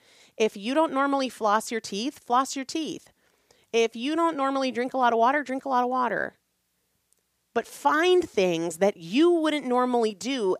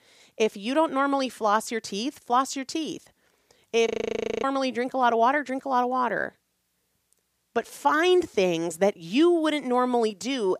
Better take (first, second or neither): first